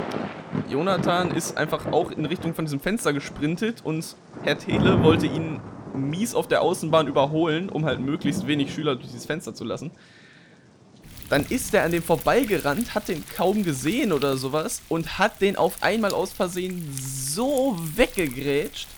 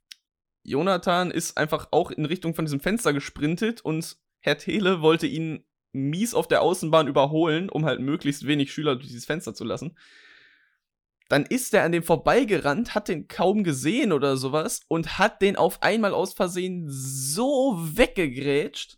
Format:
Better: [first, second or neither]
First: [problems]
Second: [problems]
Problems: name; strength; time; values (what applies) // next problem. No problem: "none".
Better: second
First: rain or running water; loud; throughout; 8 dB below the speech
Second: none